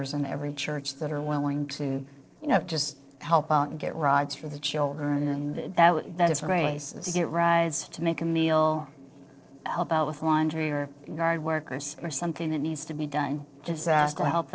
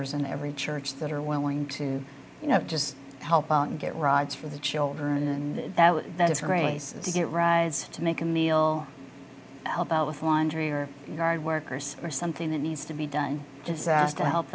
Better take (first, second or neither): second